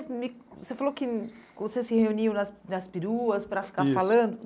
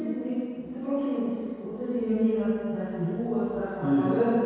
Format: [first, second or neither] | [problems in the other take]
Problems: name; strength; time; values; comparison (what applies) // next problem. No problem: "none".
first | room echo; dies away in 2 s